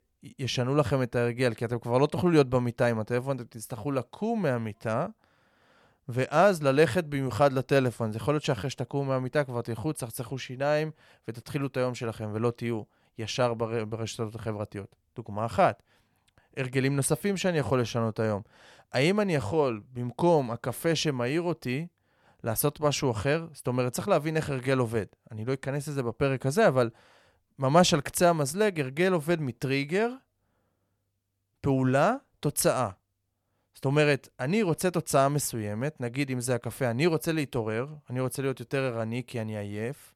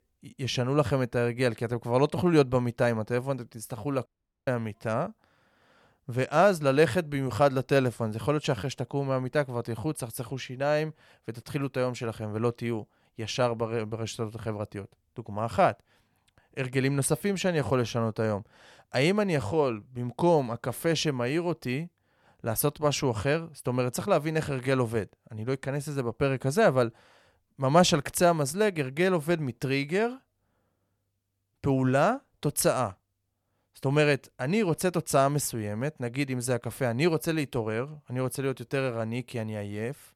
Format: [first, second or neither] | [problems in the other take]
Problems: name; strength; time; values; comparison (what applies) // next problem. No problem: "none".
first | audio cutting out; at 4 s